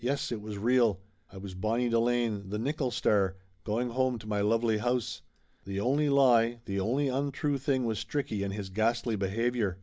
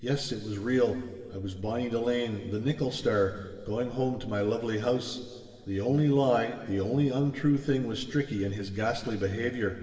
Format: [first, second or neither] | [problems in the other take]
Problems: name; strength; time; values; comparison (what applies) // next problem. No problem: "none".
first | room echo; dies away in 2.8 s